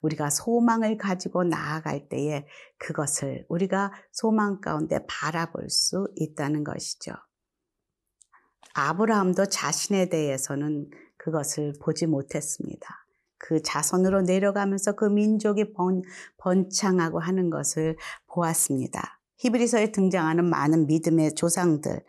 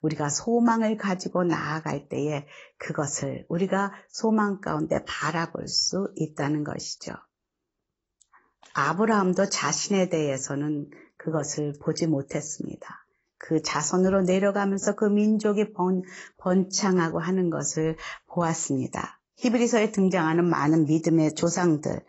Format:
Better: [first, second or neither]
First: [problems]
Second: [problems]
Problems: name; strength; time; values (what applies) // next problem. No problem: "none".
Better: first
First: none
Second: garbled, watery; badly; nothing above 7.5 kHz